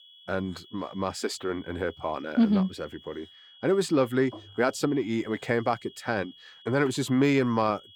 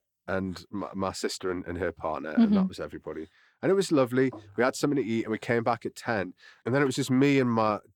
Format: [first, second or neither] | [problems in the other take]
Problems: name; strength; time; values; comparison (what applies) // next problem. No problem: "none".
second | high-pitched whine; faint; throughout; 3.5 kHz, 25 dB below the speech